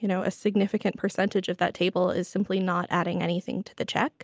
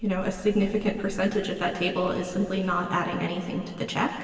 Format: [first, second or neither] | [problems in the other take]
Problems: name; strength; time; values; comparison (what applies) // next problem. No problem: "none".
first | background sound (Bird); 17 dB below the speech // room echo; dies away in 2.6 s